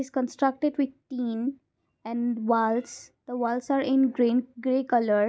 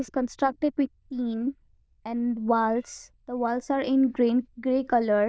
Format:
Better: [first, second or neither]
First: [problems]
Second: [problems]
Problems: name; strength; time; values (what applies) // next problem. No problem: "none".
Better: first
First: none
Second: noise reduction (neural diffusion model UNIVERSE++)